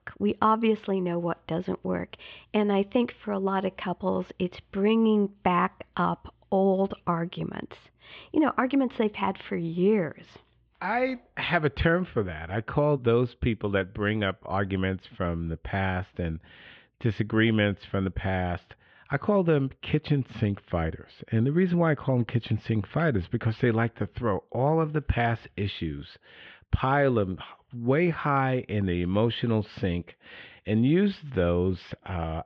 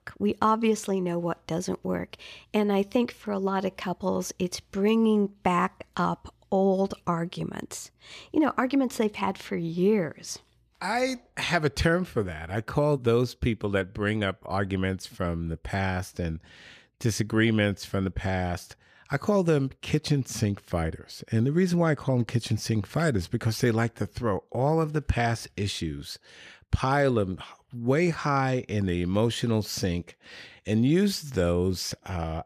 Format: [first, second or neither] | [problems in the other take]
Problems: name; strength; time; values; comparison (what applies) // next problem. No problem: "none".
second | muffled; very; fading above 3.5 kHz